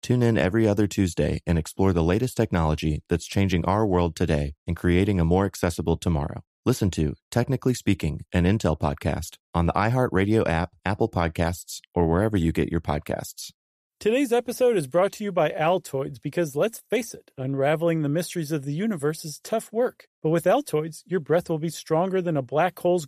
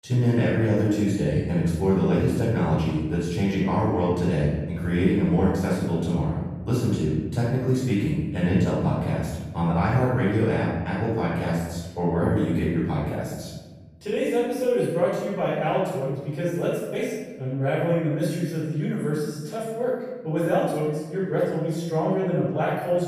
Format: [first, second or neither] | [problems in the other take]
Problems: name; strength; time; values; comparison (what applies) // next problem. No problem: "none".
first | room echo; strong; dies away in 1.3 s // off-mic speech; far